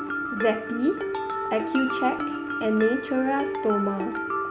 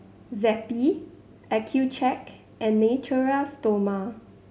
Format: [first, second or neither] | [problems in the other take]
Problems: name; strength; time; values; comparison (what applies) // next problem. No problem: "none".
second | background sound (Mallet percussion); 3 dB below the speech